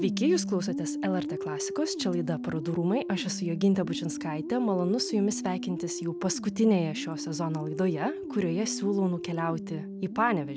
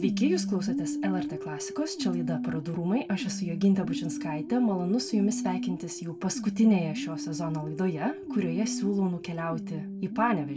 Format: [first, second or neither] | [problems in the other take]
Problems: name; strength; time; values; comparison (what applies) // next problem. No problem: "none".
first | room echo; dies away in 0.1 s